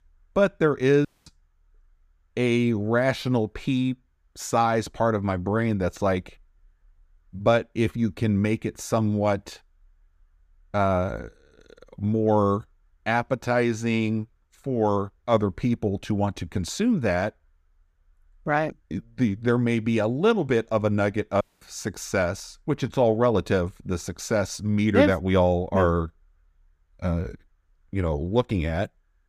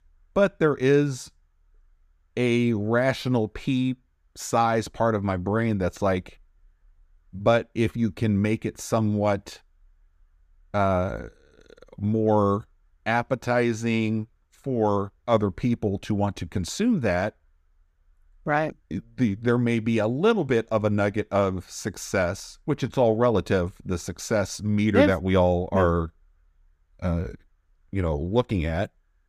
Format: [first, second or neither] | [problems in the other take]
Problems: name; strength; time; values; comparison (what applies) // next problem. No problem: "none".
second | audio cutting out; at 1 s and at 21 s